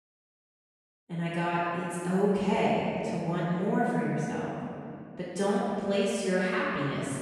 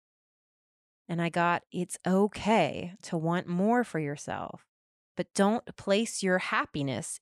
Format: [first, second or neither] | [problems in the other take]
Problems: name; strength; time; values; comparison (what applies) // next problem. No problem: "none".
second | room echo; strong; dies away in 2.4 s // off-mic speech; far